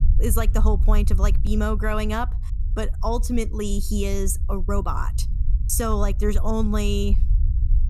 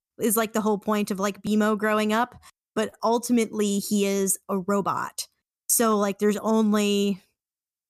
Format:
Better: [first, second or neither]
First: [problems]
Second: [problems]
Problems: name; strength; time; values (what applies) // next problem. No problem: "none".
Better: second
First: low rumble; noticeable; throughout; 15 dB below the speech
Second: none